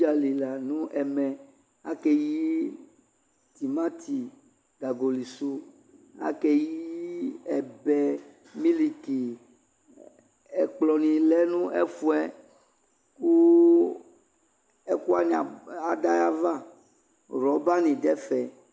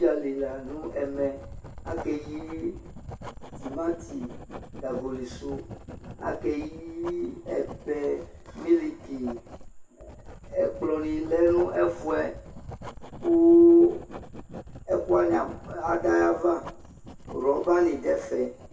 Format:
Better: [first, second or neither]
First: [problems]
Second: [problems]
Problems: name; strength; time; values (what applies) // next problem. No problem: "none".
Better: first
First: none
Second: background sound (Writing); 15 dB below the speech // room echo; dies away in 0.2 s